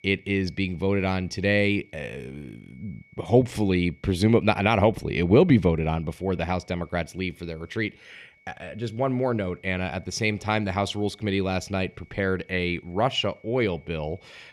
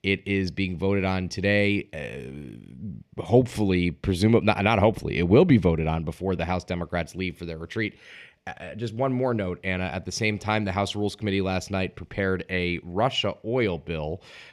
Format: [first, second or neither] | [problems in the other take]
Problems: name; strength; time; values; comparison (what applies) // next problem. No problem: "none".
second | high-pitched whine; faint; throughout; 2 kHz, 30 dB below the speech